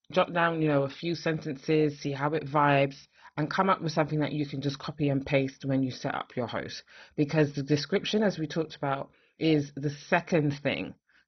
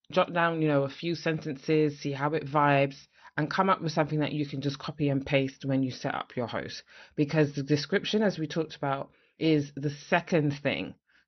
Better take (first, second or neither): second